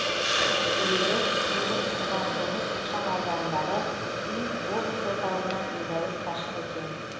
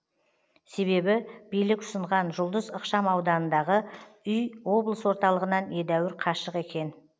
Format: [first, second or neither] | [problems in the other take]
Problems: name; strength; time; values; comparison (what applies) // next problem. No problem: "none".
second | background sound (Hiss); 4 dB above the speech // room echo; dies away in 1 s